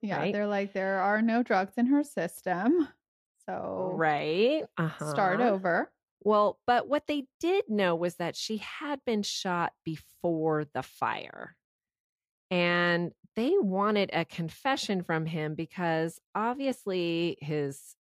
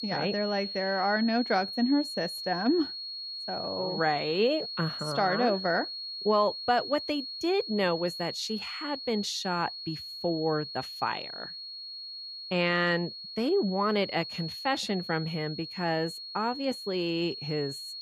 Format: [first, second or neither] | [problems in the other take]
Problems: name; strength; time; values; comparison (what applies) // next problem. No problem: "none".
first | high-pitched whine; loud; throughout; 4.5 kHz, 7 dB below the speech